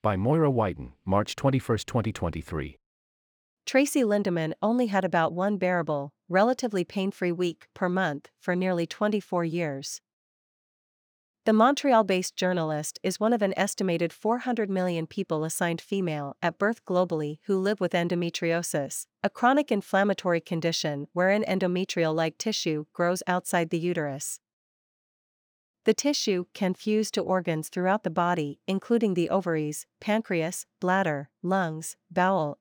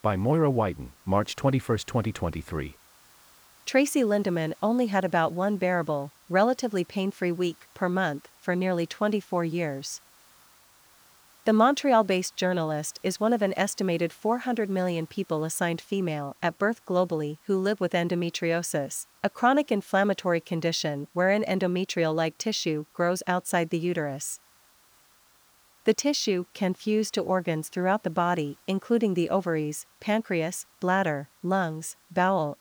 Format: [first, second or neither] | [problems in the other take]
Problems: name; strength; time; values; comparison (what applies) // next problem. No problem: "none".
first | hiss; faint; throughout; 30 dB below the speech